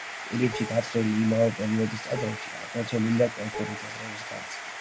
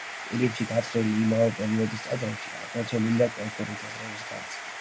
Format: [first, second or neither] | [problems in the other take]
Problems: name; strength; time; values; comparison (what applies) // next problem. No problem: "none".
second | background sound (Dishes, pots, and pans); 16 dB below the speech